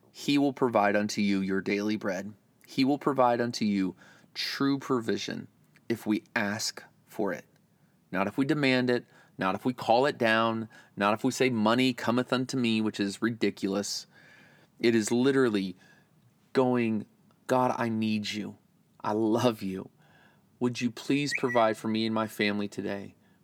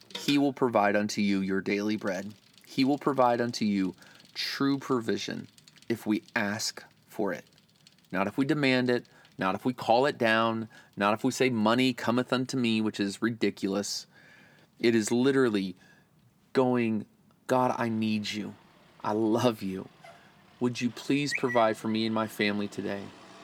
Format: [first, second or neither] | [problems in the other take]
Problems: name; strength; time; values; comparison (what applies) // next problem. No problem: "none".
first | traffic noise; faint; throughout; 25 dB below the speech